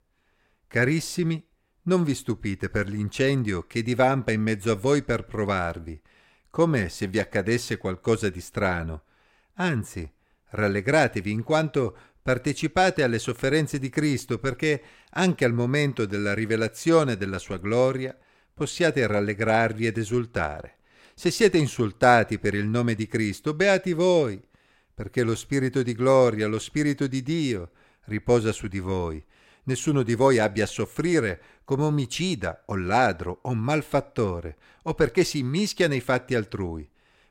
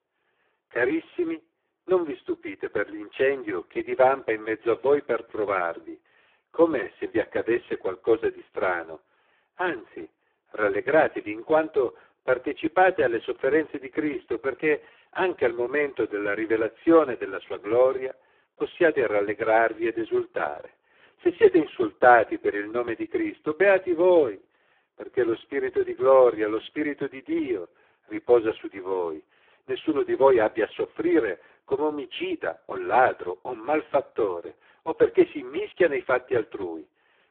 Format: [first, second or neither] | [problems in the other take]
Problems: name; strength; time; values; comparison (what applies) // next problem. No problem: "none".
first | phone-call audio; poor line